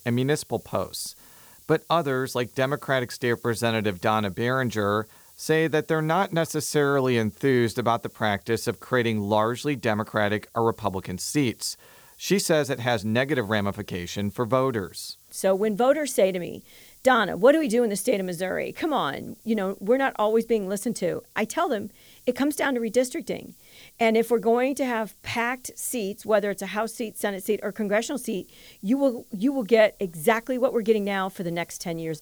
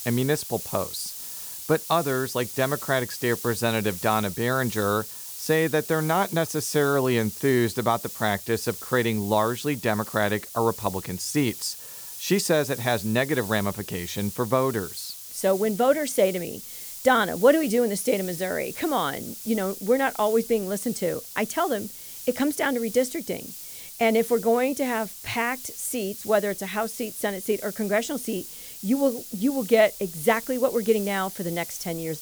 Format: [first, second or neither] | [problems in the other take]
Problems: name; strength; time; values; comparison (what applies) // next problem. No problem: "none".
first | hiss; loud; throughout; 10 dB below the speech; faint in the first